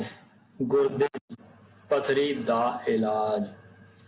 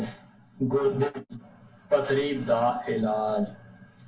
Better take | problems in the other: first | room echo; dies away in 0.1 s

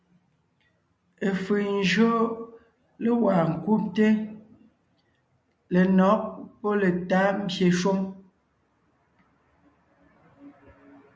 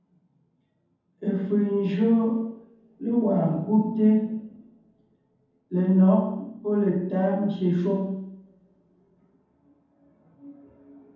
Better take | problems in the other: first | room echo; dies away in 0.9 s

